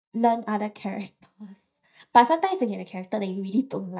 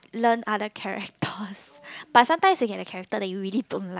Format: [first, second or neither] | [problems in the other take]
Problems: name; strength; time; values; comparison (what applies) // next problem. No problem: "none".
second | noise reduction (neural mask model DeepFilterNet 3)